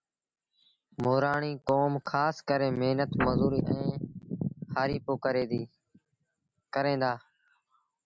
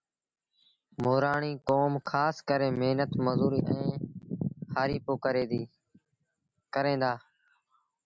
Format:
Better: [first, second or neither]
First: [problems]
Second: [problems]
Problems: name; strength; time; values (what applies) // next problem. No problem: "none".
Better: second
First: background sound (Guitar); 6 dB below the speech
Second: none